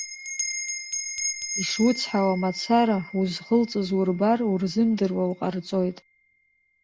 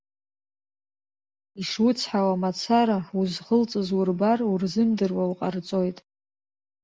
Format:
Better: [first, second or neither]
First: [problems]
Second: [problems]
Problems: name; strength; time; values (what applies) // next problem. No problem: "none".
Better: second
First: background sound (Bell); 10 dB below the speech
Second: none